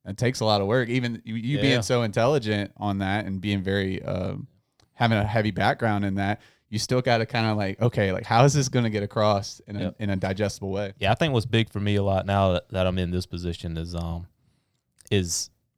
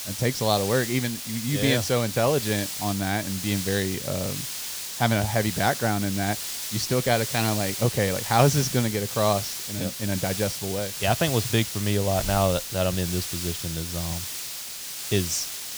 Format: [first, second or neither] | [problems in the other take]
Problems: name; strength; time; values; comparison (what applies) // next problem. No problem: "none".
first | hiss; loud; throughout; 5 dB below the speech